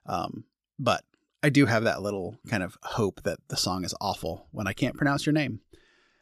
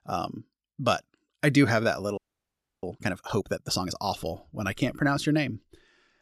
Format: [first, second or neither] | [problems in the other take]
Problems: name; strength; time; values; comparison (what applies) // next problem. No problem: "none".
first | audio freezing; at 2 s for 0.5 s